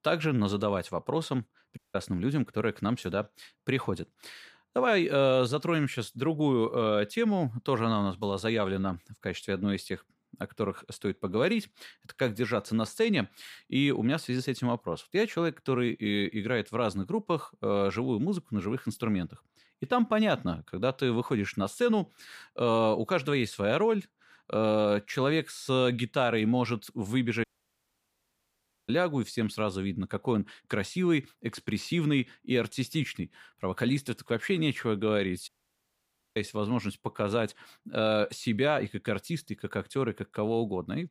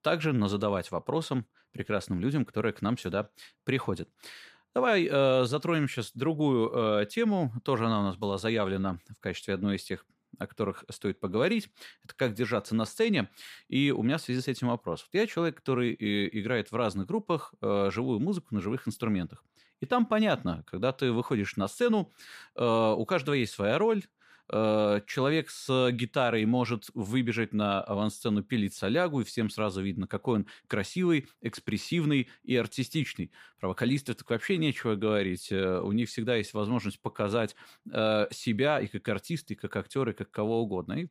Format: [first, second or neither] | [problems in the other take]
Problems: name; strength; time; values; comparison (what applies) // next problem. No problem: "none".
second | audio cutting out; at 2 s, at 27 s for 1.5 s and at 35 s for 1 s